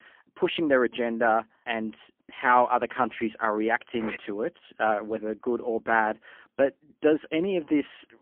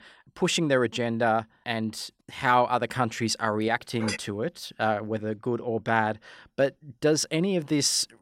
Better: second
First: phone-call audio; poor line; nothing above 3.5 kHz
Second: none

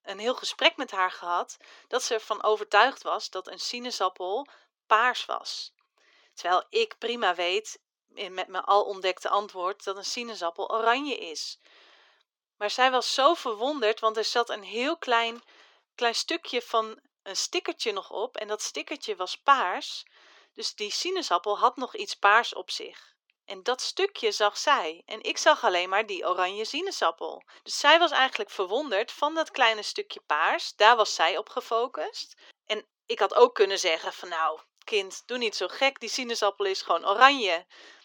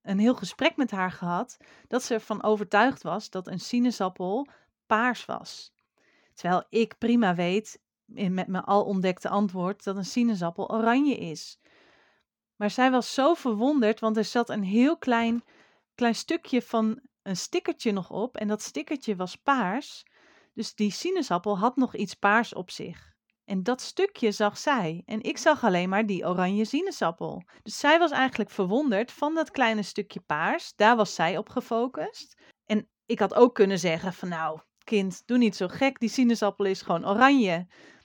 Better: second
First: thin; very; fading below 350 Hz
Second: none

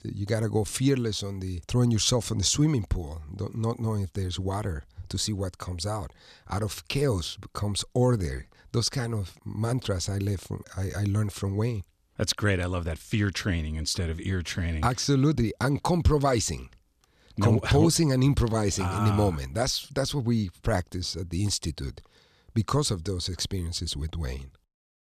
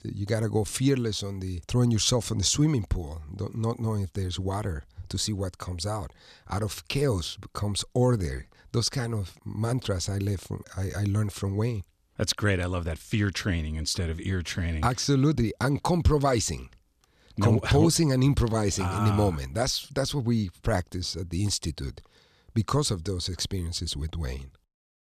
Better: neither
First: none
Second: none

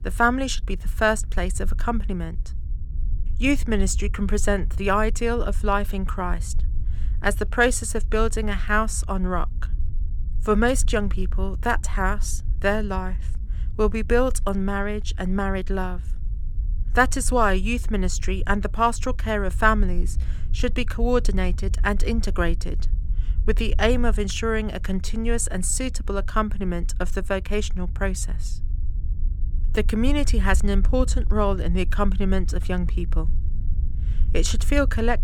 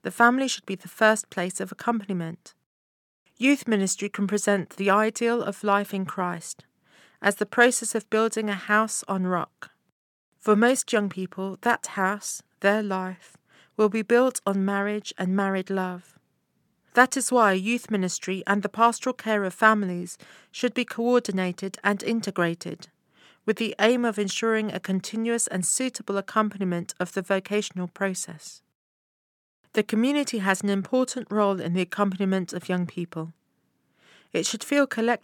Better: second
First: low rumble; faint; throughout; 25 dB below the speech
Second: none

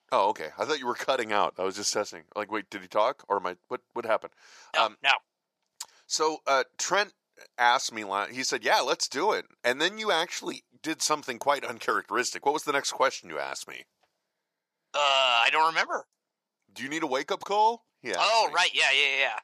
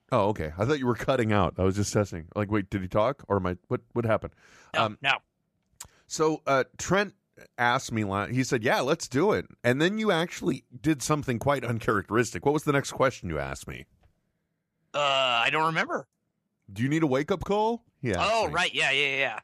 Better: second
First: thin; very; fading below 500 Hz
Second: none

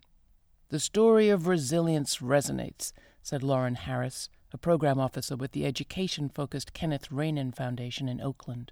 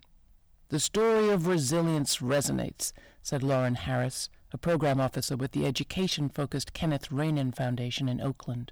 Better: first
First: none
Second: distortion; heavy; 9% of the sound clipped

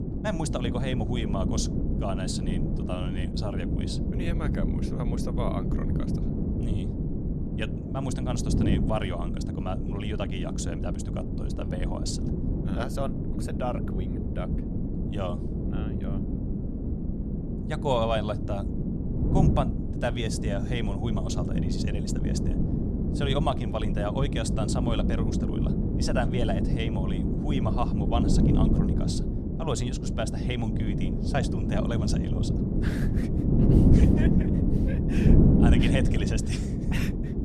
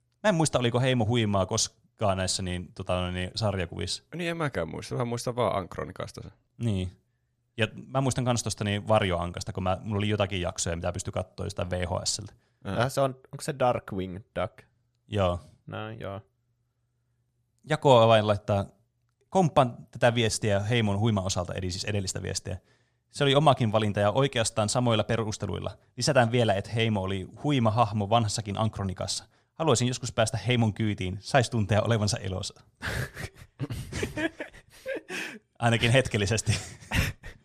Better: second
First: wind noise on the microphone; heavy; 1 dB below the speech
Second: none

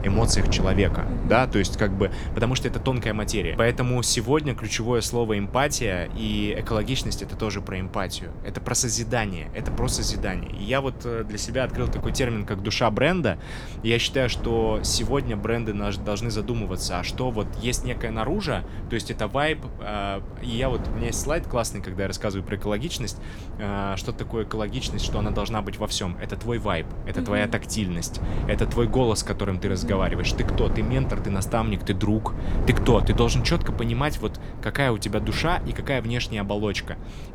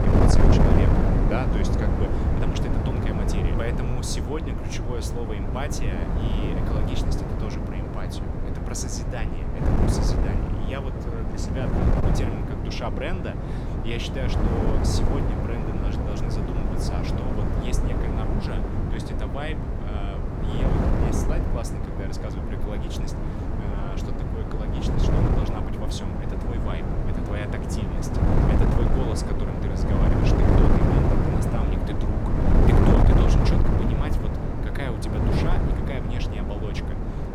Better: first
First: wind noise on the microphone; occasional gusts; 15 dB below the speech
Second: wind noise on the microphone; heavy; 5 dB above the speech

